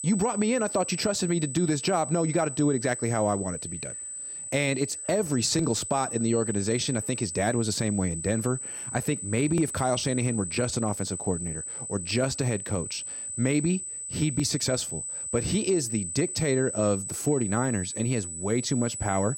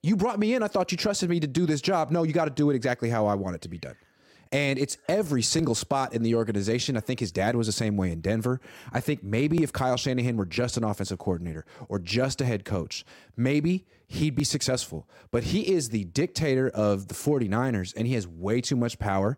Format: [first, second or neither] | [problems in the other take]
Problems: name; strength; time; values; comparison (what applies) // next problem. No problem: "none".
second | high-pitched whine; loud; throughout; 8 kHz, 6 dB below the speech